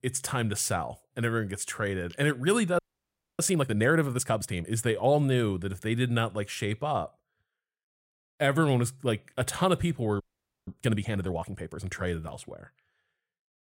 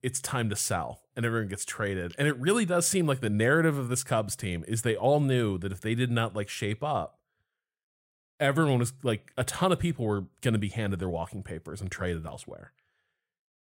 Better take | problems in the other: second | audio freezing; at 3 s for 0.5 s and at 10 s

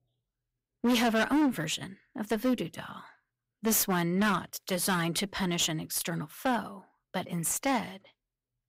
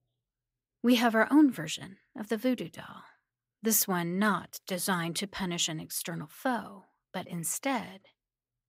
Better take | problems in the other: second | distortion; heavy; 9% of the sound clipped

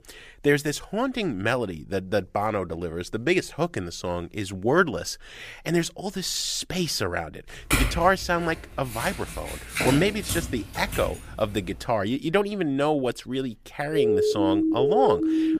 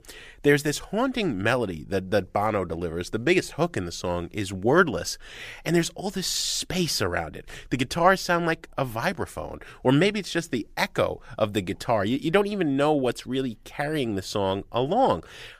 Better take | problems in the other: second | clattering dishes; loud; from 7.5 to 12 s; peak 2 dB above the speech // siren; loud; from 14 s on; peak 4 dB above the speech

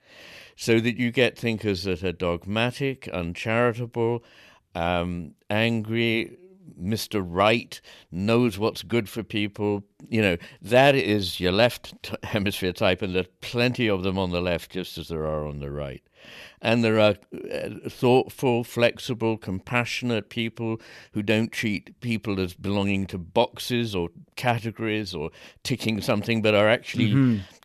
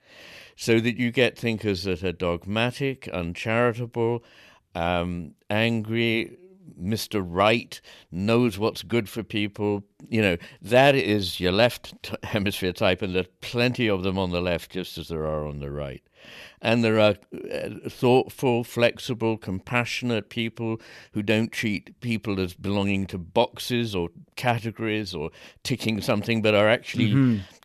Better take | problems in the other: neither | none

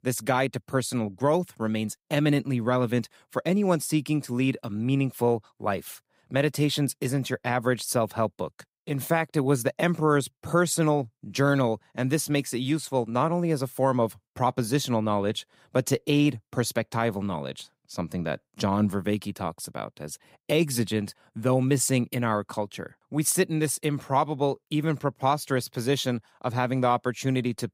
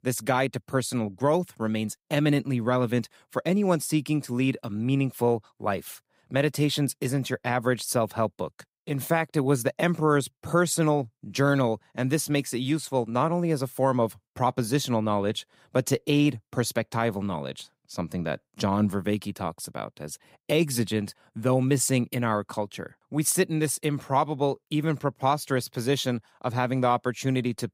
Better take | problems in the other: neither | none

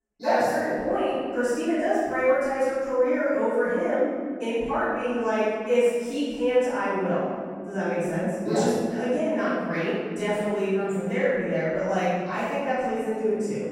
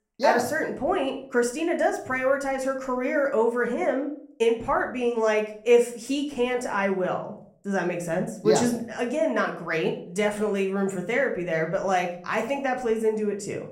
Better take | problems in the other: second | room echo; strong; dies away in 2.2 s; slight in the second // off-mic speech; far; somewhat distant in the second

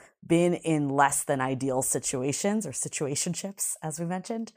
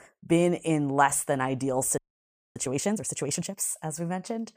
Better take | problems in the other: first | audio freezing; at 2 s for 0.5 s

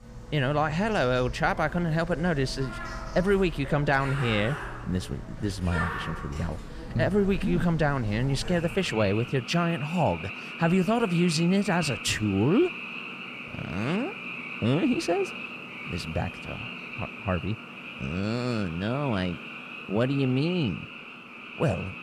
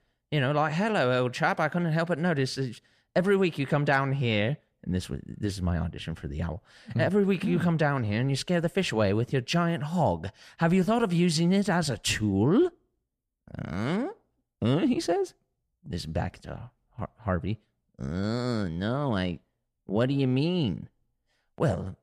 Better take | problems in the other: second | animal sounds; loud; throughout; 10 dB below the speech

